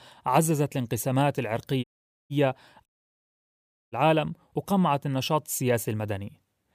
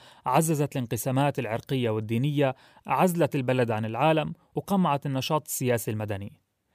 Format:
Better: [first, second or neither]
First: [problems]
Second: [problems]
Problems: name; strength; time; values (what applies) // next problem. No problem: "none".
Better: second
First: audio cutting out; at 2 s and at 3 s for 1 s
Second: none